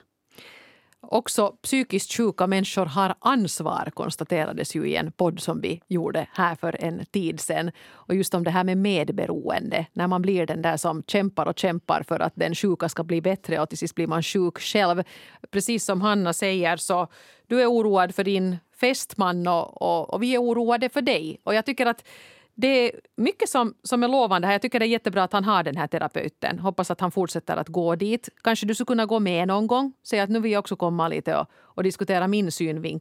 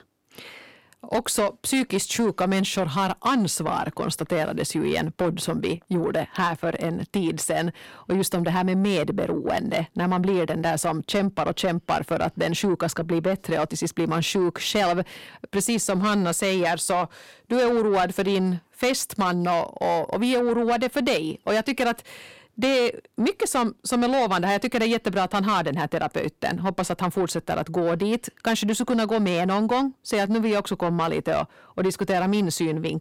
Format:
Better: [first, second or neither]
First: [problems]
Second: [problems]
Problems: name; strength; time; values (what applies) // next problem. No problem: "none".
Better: first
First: none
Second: distortion; slight; 10 dB below the speech